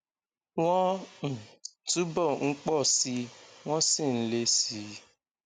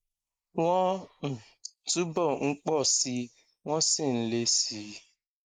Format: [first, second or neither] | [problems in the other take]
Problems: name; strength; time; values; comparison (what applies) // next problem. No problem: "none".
first | noise reduction (neural mask model Resemble Enhance denoiser)